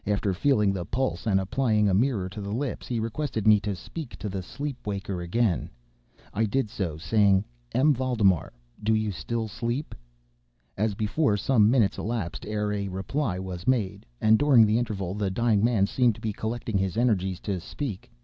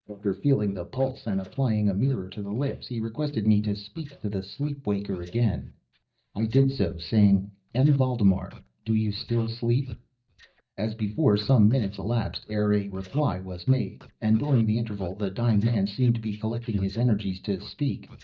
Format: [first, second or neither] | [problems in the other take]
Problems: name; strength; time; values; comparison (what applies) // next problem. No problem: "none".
first | noise reduction (neural mask model DeepFilterNet 3)